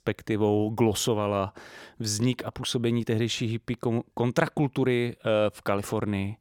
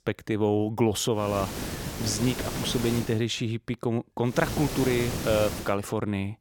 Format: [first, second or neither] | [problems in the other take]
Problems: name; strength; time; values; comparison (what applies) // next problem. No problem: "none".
first | hiss; loud; from 1.5 to 3 s and from 4.5 to 5.5 s; 6 dB below the speech